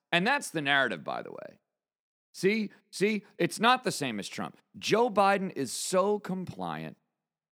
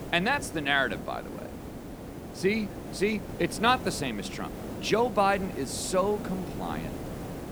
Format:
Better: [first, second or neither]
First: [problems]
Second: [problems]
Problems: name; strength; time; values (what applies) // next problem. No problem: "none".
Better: first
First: none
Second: hiss; noticeable; throughout; 10 dB below the speech